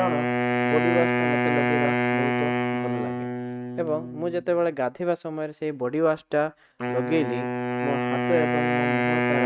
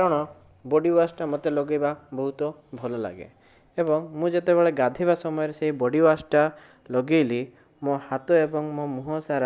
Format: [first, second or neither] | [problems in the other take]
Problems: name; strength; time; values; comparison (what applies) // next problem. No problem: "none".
second | noise reduction (neural mask model RNNoise)